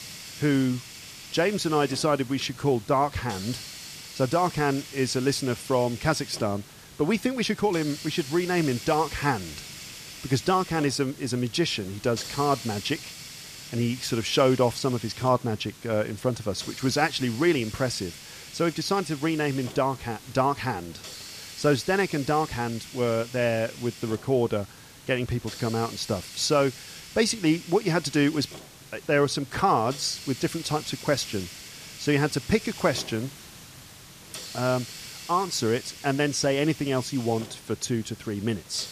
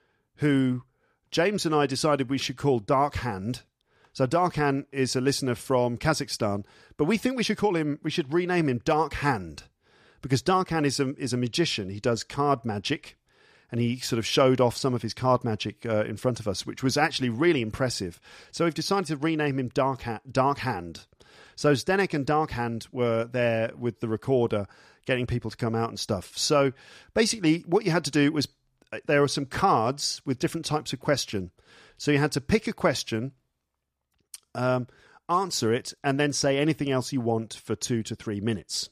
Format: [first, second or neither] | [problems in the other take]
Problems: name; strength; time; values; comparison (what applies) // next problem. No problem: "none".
second | hiss; noticeable; throughout; 15 dB below the speech